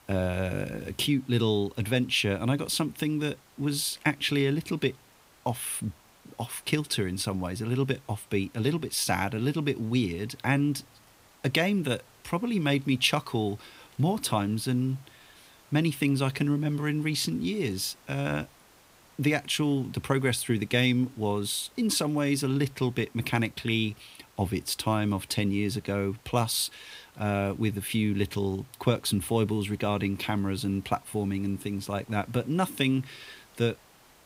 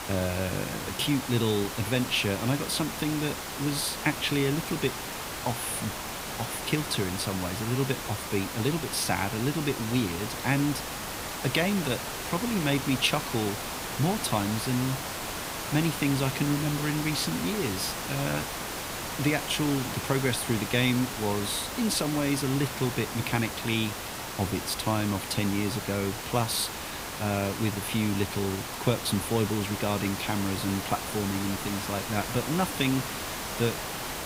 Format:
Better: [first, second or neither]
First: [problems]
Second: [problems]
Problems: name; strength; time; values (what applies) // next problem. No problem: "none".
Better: first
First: hiss; faint; throughout; 30 dB below the speech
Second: hiss; loud; throughout; 5 dB below the speech